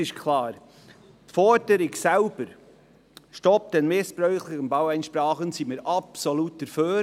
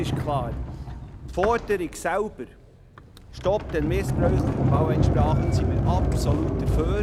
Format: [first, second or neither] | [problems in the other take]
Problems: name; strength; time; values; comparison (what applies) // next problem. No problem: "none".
first | background sound (Sliding door); 4 dB above the speech